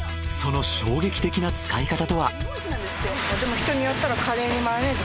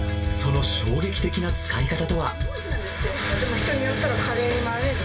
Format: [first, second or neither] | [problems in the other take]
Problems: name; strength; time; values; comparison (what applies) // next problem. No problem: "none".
first | background sound (Bowed string instrument); 9 dB below the speech // room echo; dies away in 0.2 s